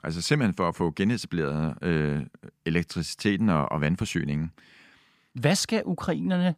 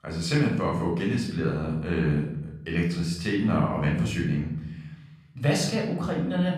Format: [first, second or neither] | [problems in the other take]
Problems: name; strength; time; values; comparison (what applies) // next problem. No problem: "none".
first | off-mic speech; far // room echo; noticeable; dies away in 0.9 s